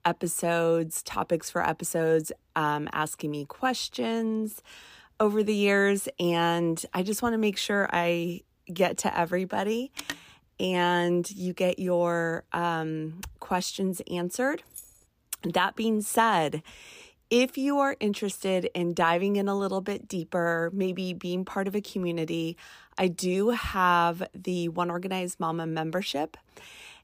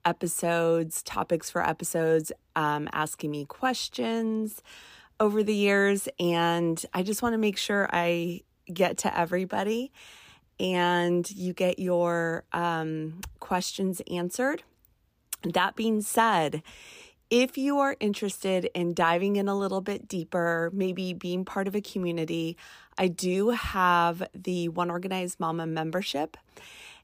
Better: second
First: phone ringing; noticeable; at 10 s; peak 9 dB below the speech // jangling keys; faint; at 15 s; peak 15 dB below the speech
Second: none

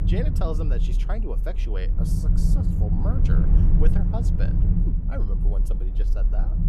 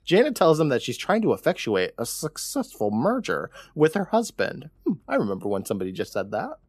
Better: second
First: low rumble; loud; throughout; as loud as the speech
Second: none

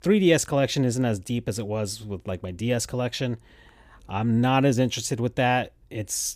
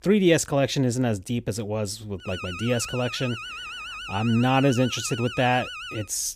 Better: first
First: none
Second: alarm; noticeable; from 2 s on; peak 9 dB below the speech

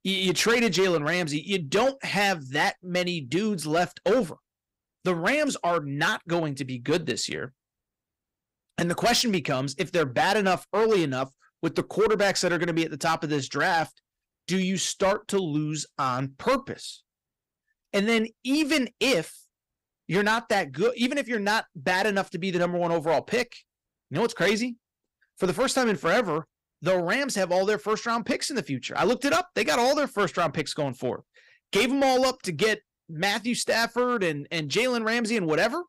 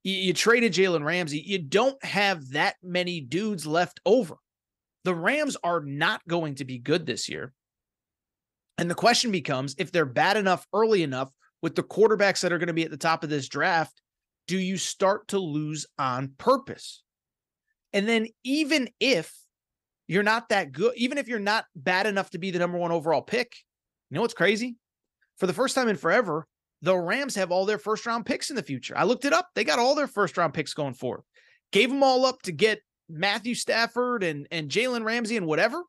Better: second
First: distortion; slight; 6% of the sound clipped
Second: none

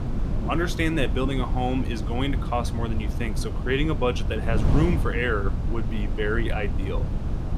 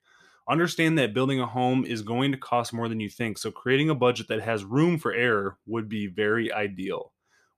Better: second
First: wind noise on the microphone; heavy; 9 dB below the speech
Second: none

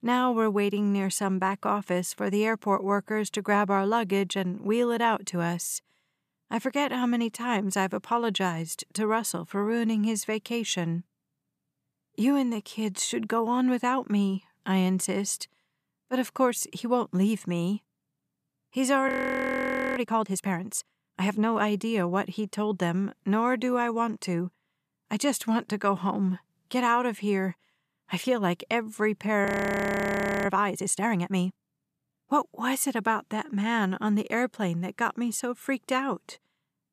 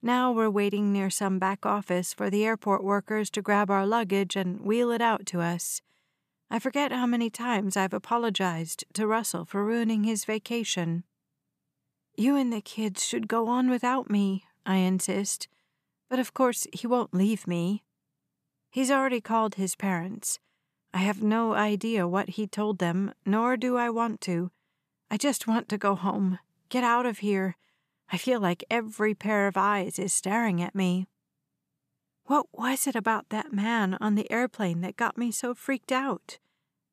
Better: second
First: audio freezing; at 19 s for 1 s and at 29 s for 1 s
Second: none

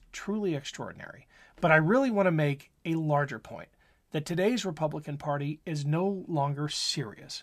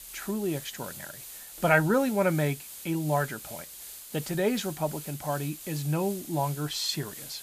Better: first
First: none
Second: hiss; noticeable; throughout; 10 dB below the speech

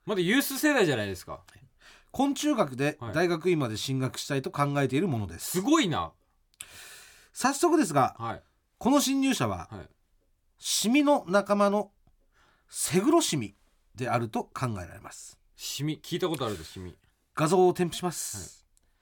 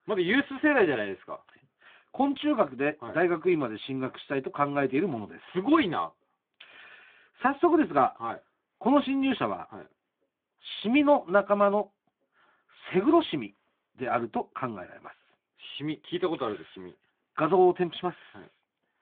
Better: first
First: none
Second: phone-call audio; nothing above 3.5 kHz

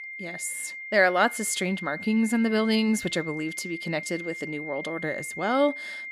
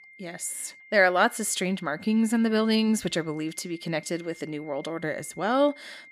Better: second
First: high-pitched whine; loud; throughout; 2 kHz, 9 dB below the speech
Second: high-pitched whine; faint; throughout; 2 kHz, 20 dB below the speech

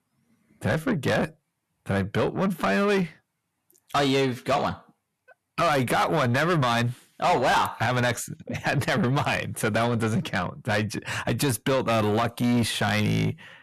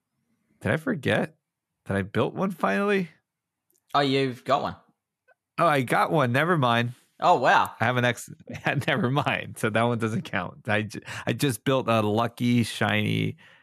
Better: second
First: distortion; heavy; 7 dB below the speech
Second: none

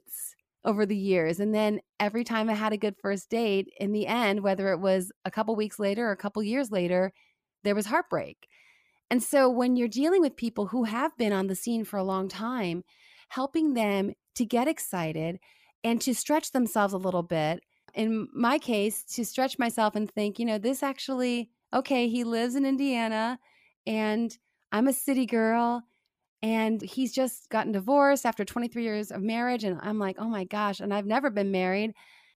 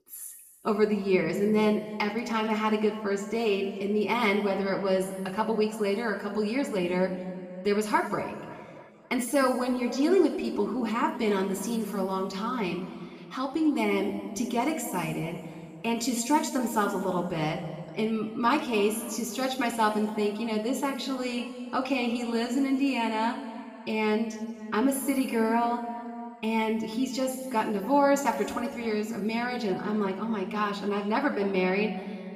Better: first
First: none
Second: room echo; noticeable; dies away in 1.8 s // off-mic speech; somewhat distant

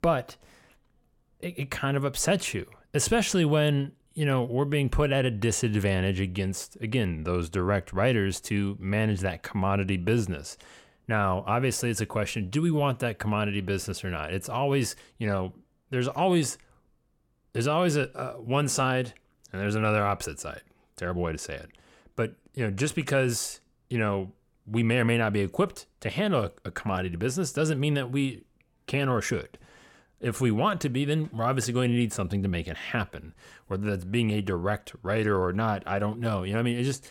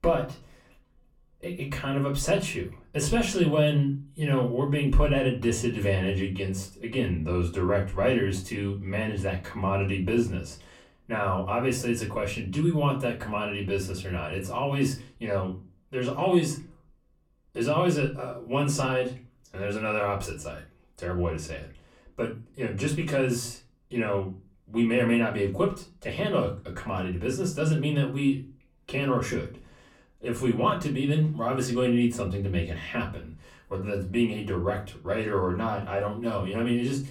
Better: first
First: none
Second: off-mic speech; far // room echo; very slight; dies away in 0.3 s

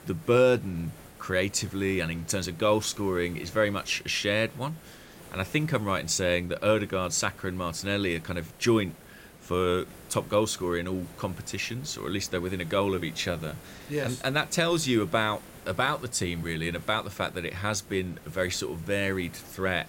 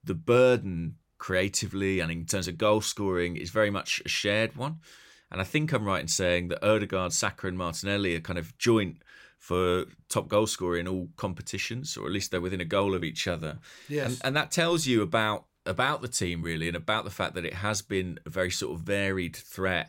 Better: second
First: hiss; faint; throughout; 20 dB below the speech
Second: none

